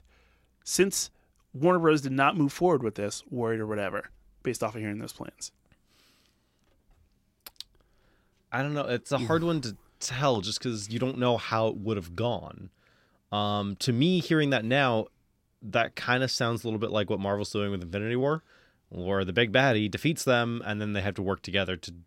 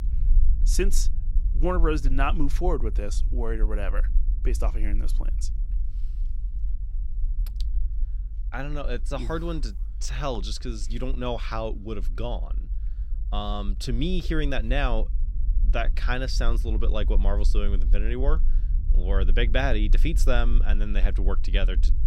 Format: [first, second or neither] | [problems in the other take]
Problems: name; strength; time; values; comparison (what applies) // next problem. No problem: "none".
first | low rumble; noticeable; throughout; 20 dB below the speech